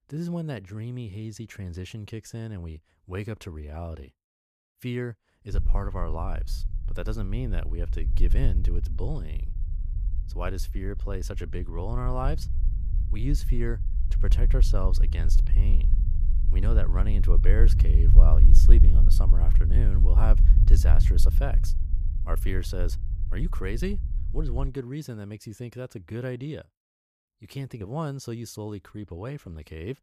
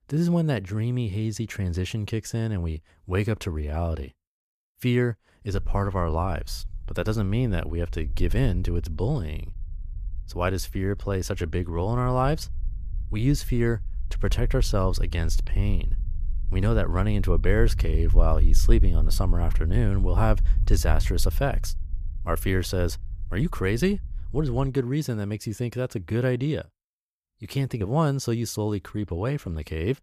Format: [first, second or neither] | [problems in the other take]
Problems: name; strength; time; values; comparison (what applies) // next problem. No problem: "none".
second | low rumble; loud; from 5.5 to 25 s; 8 dB below the speech; faint in the second